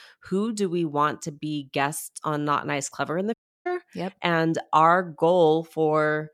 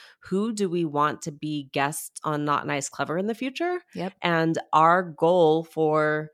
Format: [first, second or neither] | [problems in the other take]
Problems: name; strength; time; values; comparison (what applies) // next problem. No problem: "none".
second | audio cutting out; at 3.5 s